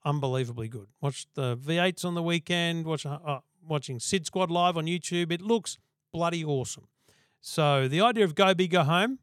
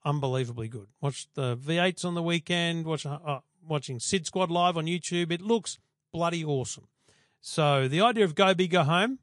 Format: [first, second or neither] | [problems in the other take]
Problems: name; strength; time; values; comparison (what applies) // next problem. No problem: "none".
first | garbled, watery; slightly; nothing above 9 kHz